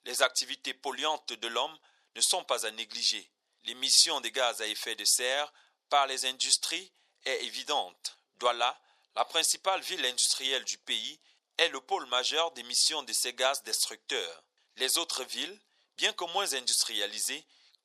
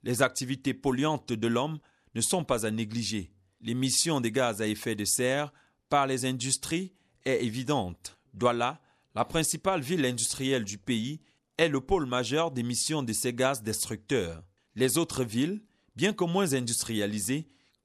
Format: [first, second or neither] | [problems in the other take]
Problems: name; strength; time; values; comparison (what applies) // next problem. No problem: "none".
second | thin; very; fading below 550 Hz